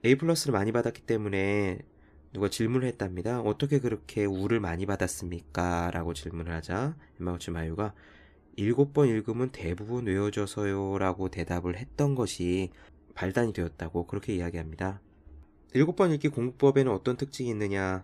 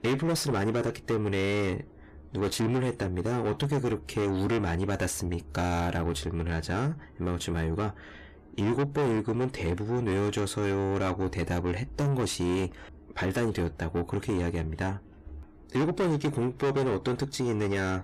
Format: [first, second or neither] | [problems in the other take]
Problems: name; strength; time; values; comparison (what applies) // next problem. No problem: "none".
first | distortion; heavy; 6 dB below the speech